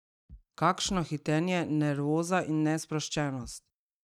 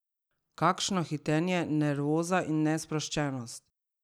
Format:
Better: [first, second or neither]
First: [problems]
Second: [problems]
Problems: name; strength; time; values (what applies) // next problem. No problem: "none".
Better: second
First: noise reduction (neural mask model RNNoise)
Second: none